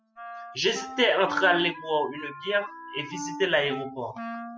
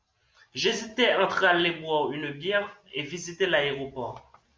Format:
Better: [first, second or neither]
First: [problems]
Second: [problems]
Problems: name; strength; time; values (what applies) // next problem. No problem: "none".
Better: second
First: noise reduction (classical method spectral subtraction)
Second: none